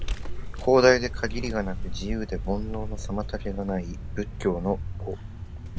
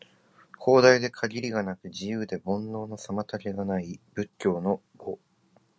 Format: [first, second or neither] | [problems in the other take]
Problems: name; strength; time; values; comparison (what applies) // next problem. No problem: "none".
second | background sound (Vehicle); 4 dB below the speech